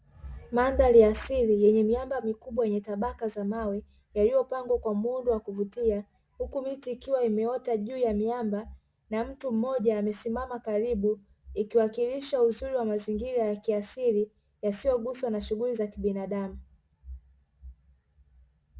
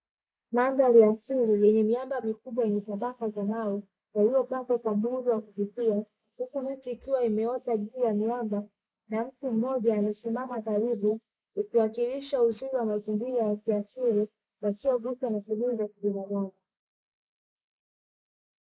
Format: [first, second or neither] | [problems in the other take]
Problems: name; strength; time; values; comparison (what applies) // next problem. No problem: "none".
first | noise reduction (neural mask model Resemble Enhance denoiser)